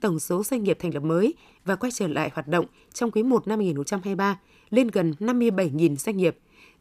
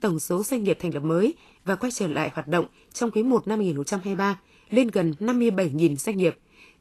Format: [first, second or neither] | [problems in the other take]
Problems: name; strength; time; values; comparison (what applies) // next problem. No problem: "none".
first | garbled, watery; slightly; nothing above 12.5 kHz